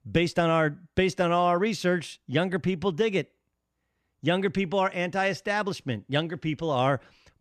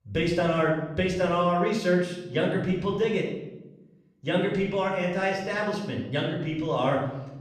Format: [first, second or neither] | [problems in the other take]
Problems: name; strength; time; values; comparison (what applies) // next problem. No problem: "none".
first | off-mic speech; far // room echo; noticeable; dies away in 0.8 s